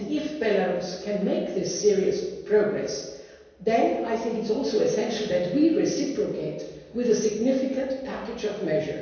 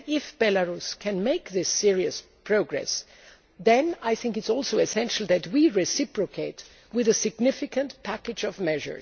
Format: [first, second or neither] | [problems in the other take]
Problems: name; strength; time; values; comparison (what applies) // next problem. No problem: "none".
second | room echo; dies away in 1.2 s